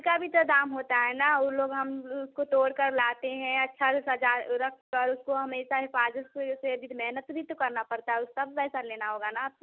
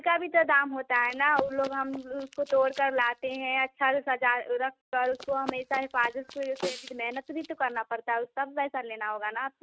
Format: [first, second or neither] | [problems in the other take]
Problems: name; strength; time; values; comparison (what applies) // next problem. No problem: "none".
first | noise reduction (neural mask model RNNoise)